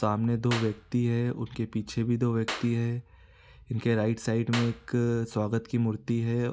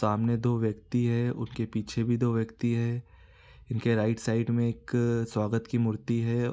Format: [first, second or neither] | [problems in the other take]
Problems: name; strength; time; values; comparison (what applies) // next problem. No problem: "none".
second | background sound (Clapping); 15 dB below the speech